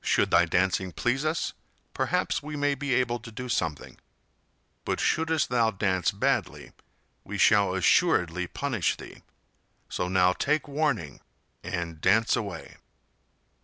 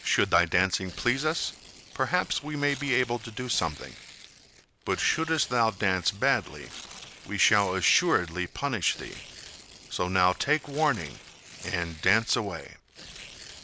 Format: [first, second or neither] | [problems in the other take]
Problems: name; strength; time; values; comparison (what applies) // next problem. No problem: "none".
first | background sound (Tearing); 17 dB below the speech